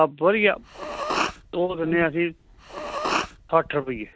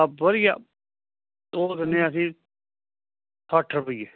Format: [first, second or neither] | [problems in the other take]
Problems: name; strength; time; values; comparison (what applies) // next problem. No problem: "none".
second | background sound (Respiratory sounds); 7 dB below the speech